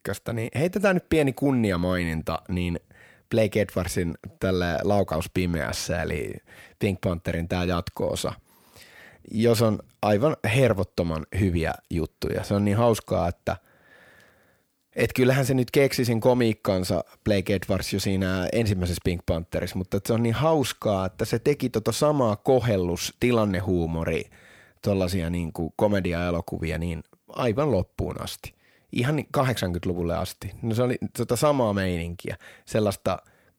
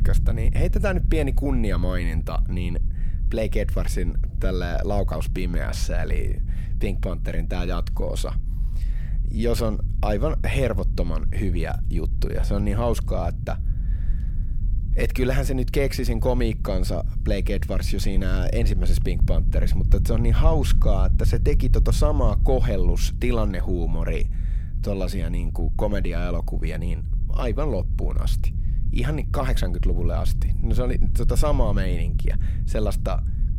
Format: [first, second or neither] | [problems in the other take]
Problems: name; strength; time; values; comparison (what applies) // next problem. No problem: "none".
first | low rumble; noticeable; throughout; 15 dB below the speech